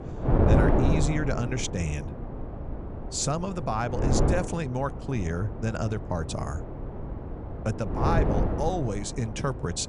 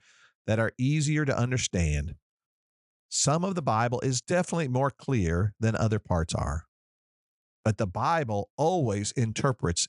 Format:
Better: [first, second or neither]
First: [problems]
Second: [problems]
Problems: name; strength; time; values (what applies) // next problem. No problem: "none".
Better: second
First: wind noise on the microphone; heavy; 3 dB below the speech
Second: none